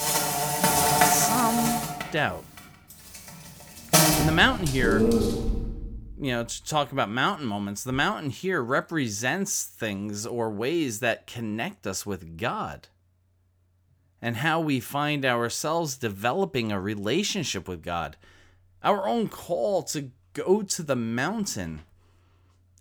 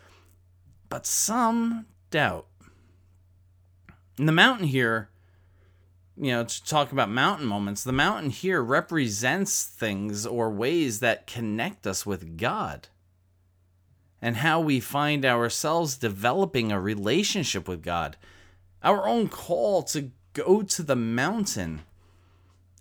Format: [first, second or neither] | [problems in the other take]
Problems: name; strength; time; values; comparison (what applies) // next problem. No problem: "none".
second | animal sounds; very loud; until 5.5 s; 4 dB above the speech